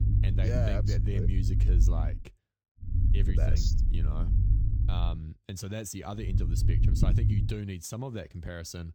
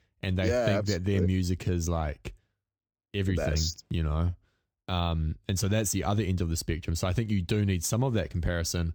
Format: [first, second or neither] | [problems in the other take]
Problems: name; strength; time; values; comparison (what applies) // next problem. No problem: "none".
second | low rumble; loud; until 2 s, from 3 to 5 s and from 6 to 7.5 s; 3 dB below the speech